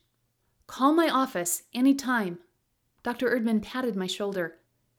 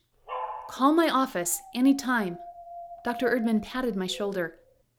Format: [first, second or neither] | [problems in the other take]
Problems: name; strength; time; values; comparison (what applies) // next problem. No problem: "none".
first | dog barking; noticeable; until 4.5 s; peak 8 dB below the speech